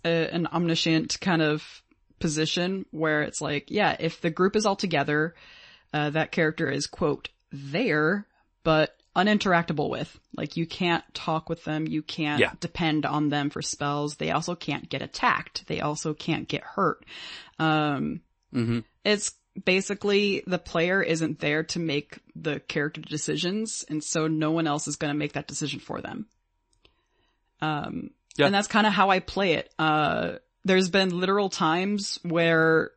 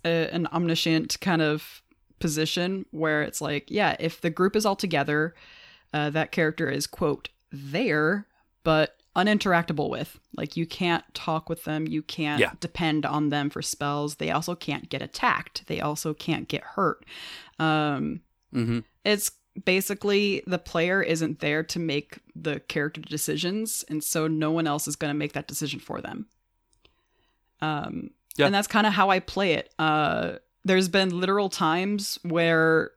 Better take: second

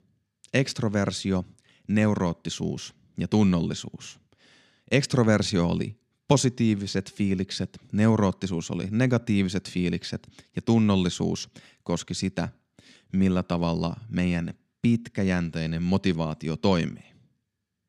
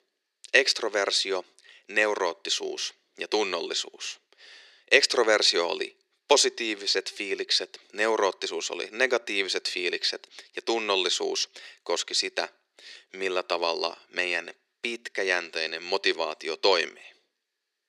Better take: first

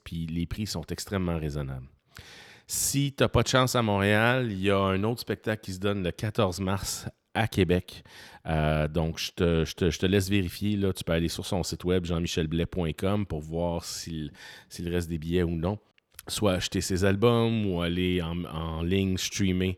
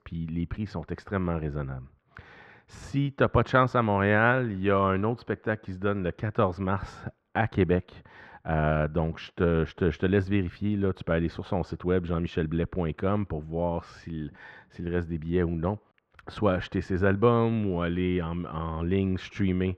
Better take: first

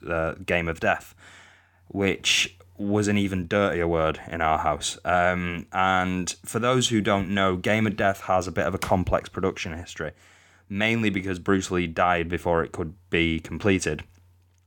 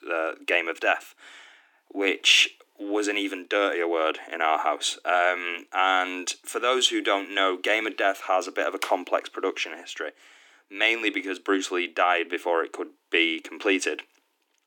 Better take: first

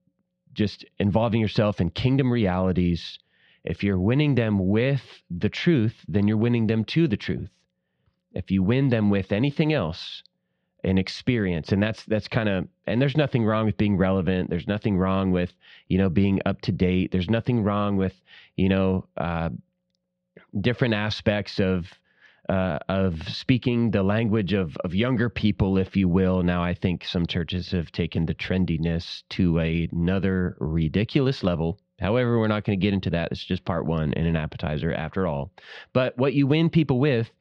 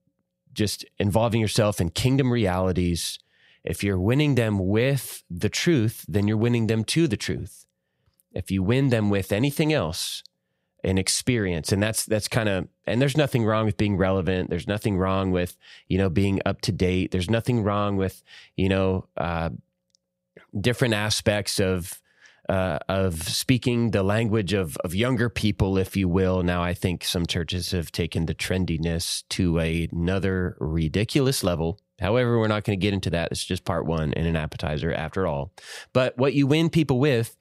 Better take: second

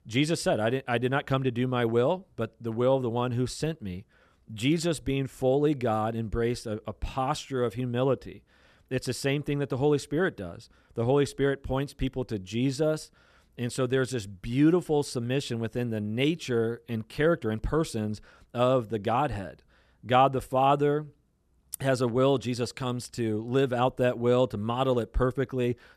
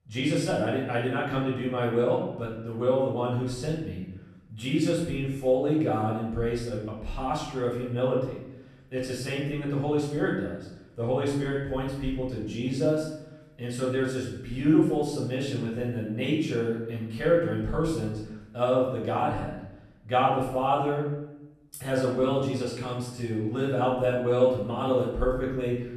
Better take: first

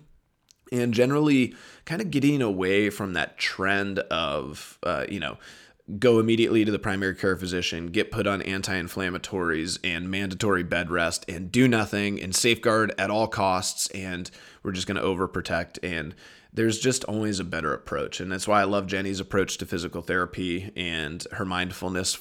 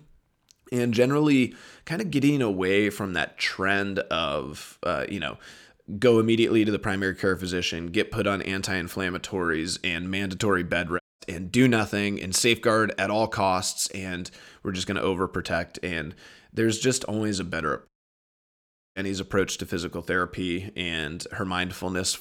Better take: first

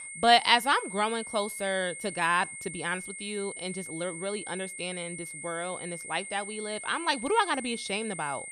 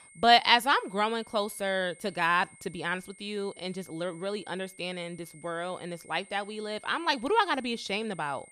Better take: second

